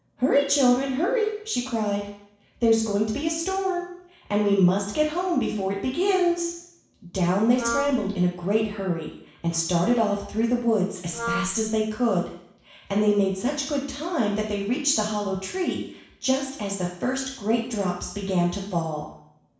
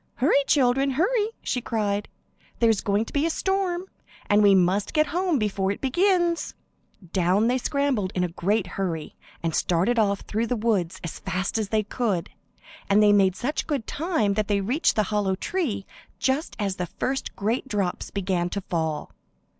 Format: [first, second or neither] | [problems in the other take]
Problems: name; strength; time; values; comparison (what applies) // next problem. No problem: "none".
second | background sound (Wind instrument, woodwind instrument); 7 dB below the speech // room echo; dies away in 0.7 s